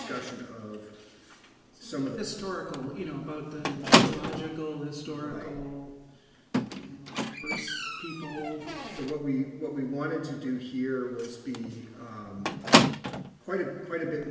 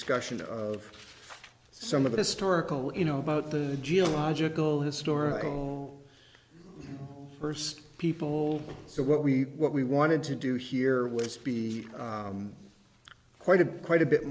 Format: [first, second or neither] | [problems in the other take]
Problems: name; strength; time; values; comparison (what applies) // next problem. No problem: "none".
second | background sound (Squeak); 3 dB above the speech // room echo; dies away in 1 s